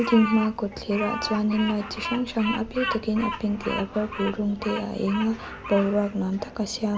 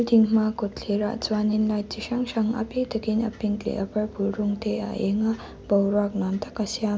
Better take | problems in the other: second | background sound (Bird vocalization, bird call, bird song); 9 dB below the speech

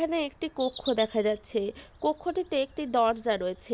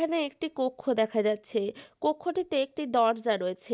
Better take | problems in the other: second | background sound (Bird vocalization, bird call, bird song); 18 dB below the speech

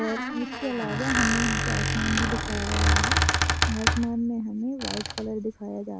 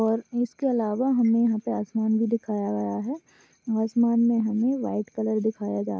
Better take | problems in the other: second | background sound (Squeak); 4 dB above the speech

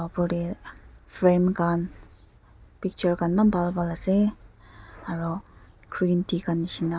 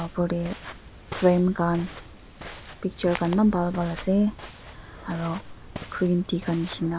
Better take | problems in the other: first | background sound (Walk, footsteps); 15 dB below the speech

